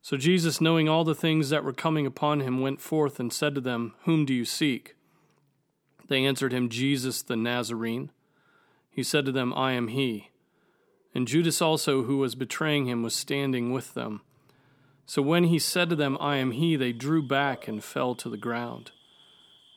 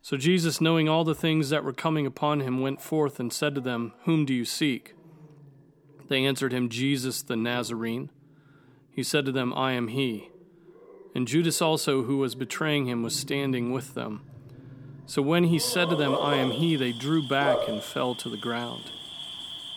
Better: first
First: animal sounds; faint; throughout; 25 dB below the speech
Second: animal sounds; loud; throughout; 8 dB below the speech

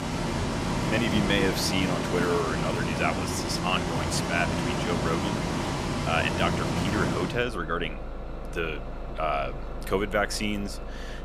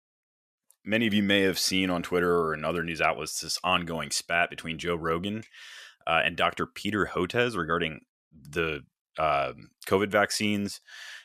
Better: second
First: traffic noise; loud; throughout; 1 dB below the speech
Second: none

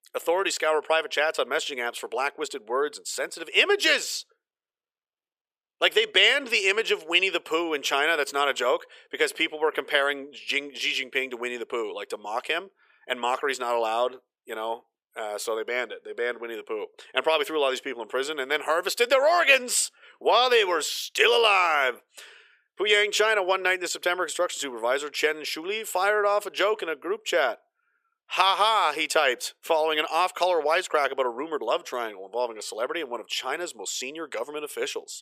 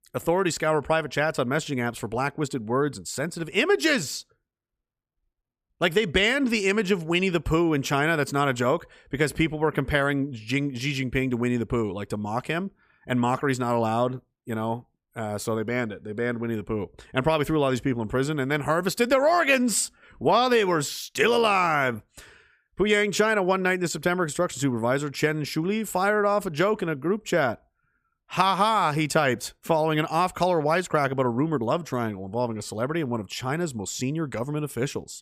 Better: second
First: thin; very; fading below 450 Hz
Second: none

